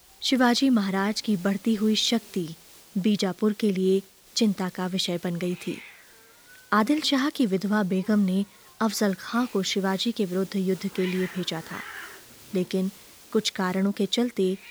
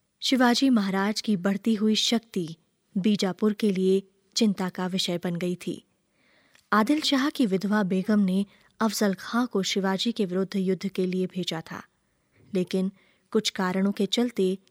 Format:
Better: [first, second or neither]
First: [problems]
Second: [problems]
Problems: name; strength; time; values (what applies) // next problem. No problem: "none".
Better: second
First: hiss; noticeable; throughout; 20 dB below the speech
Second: none